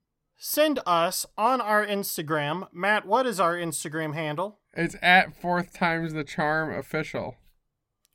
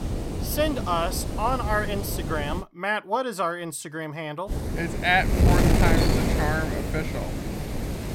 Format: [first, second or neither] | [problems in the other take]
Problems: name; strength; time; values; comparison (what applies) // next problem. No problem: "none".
first | wind noise on the microphone; heavy; until 2.5 s and from 4.5 s on; 5 dB below the speech